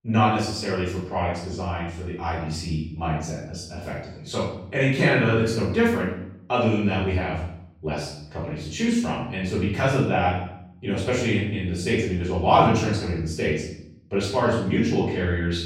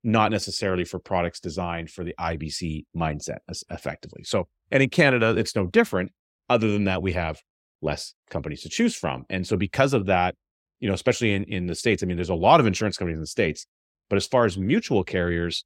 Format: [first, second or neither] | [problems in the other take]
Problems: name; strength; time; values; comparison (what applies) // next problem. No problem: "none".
second | off-mic speech; far // room echo; noticeable; dies away in 0.7 s